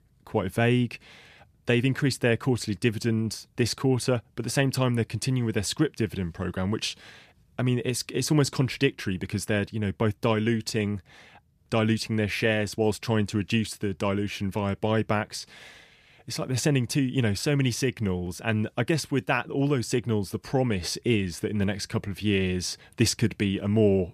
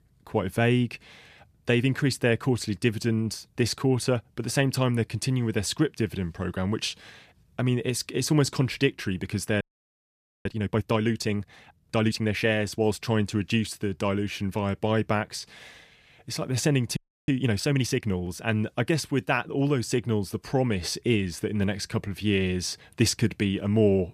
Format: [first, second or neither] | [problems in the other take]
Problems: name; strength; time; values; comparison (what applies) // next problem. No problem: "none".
first | audio freezing; at 9.5 s for 1 s and at 17 s